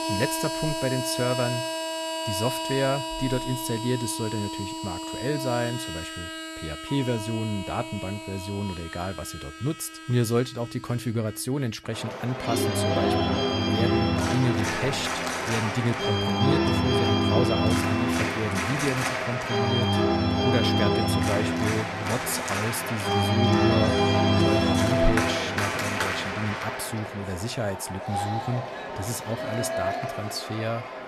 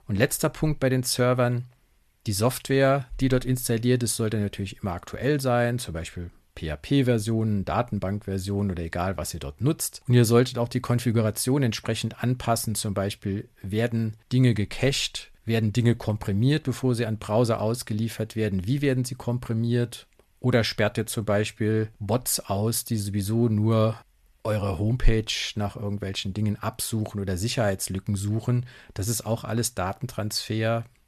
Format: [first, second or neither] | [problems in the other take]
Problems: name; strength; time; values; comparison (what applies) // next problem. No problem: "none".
second | background music; very loud; throughout; 4 dB above the speech